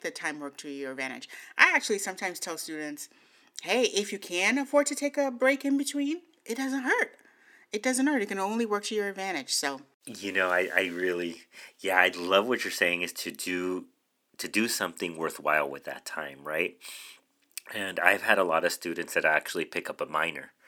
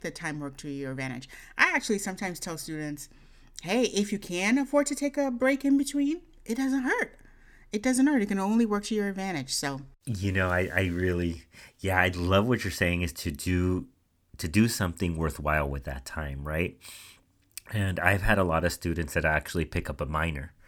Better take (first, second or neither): second